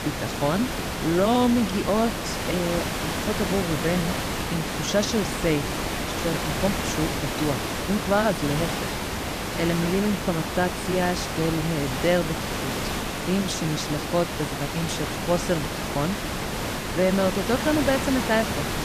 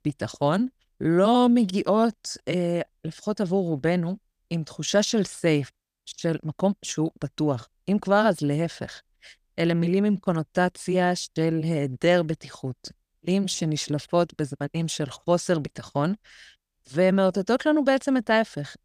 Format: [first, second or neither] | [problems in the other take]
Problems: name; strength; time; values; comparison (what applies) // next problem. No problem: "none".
second | hiss; loud; throughout; 2 dB below the speech